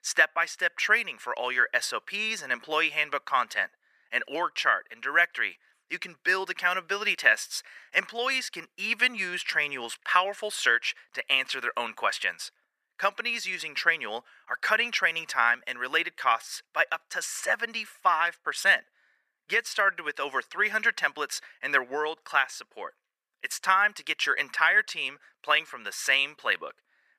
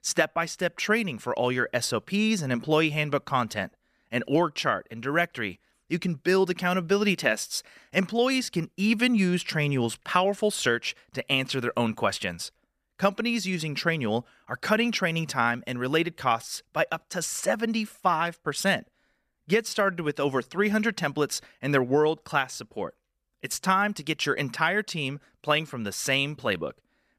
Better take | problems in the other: second | thin; very; fading below 600 Hz

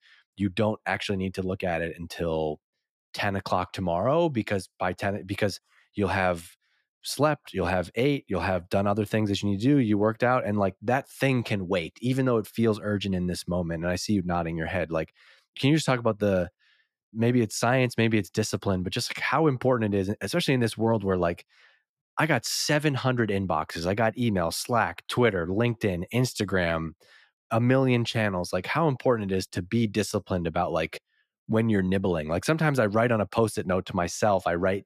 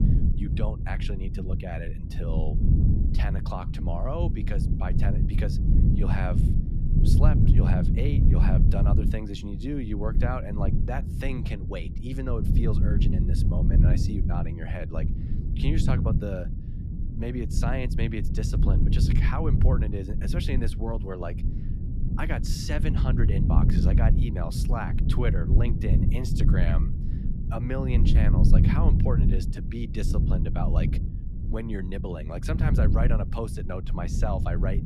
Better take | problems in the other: first | low rumble; loud; throughout; 2 dB below the speech

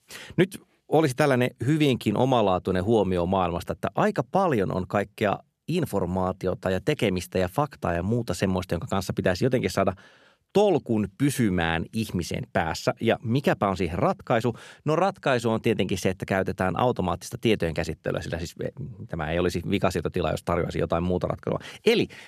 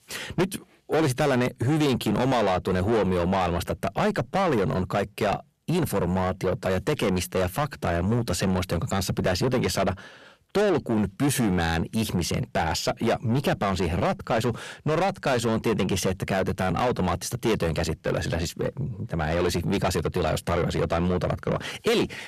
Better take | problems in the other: first | distortion; heavy; 6 dB below the speech

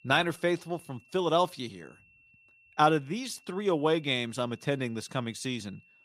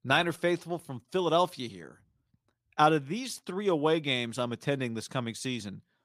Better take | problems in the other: second | high-pitched whine; faint; throughout; 2.5 kHz, 30 dB below the speech

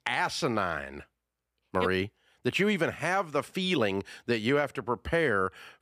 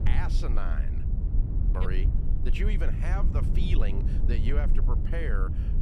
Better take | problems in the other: first | low rumble; loud; throughout; 5 dB below the speech

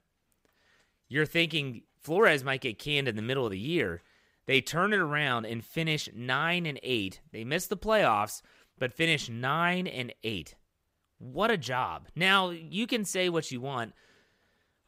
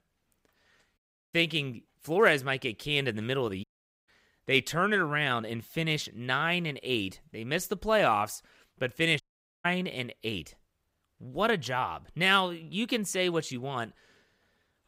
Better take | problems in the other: first | audio cutting out; at 1 s, at 3.5 s and at 9 s

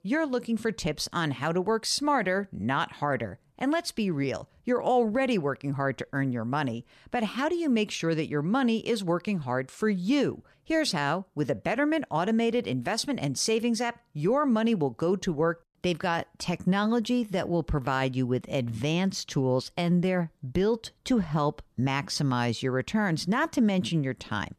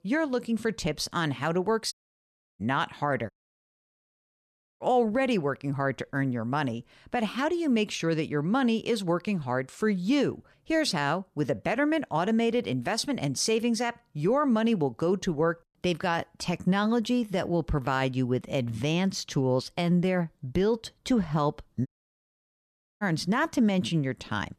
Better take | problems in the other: first | audio cutting out; at 2 s for 0.5 s, at 3.5 s for 1.5 s and at 22 s for 1 s

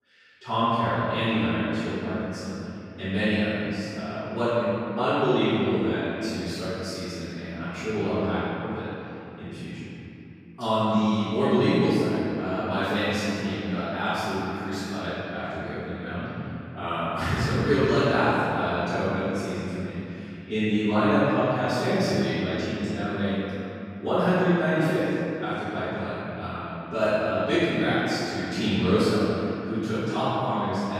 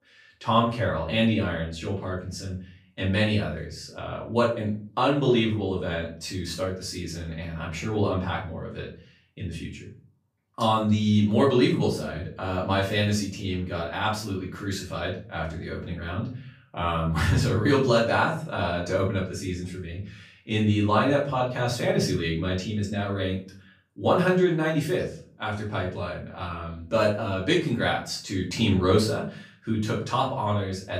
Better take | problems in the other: second | room echo; strong; dies away in 2.9 s; slight in the second // off-mic speech; far; far in the second

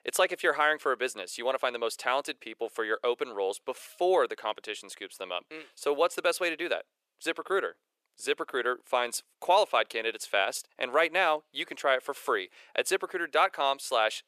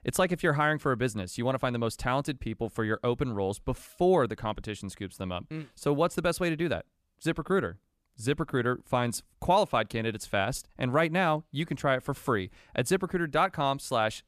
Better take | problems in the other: second | thin; very; fading below 400 Hz

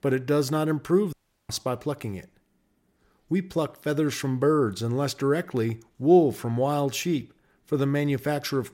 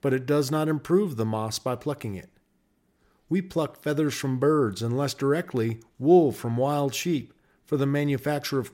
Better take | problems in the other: second | audio cutting out; at 1 s

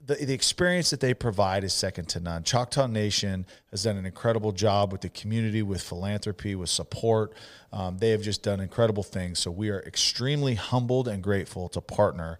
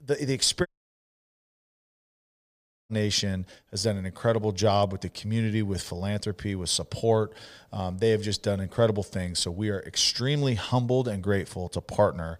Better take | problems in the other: first | audio cutting out; at 0.5 s for 2 s

